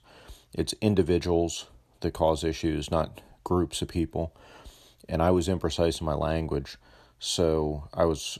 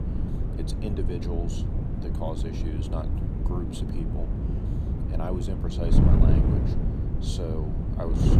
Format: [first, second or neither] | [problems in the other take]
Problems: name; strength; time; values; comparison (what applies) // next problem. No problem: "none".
first | wind noise on the microphone; heavy; 1 dB above the speech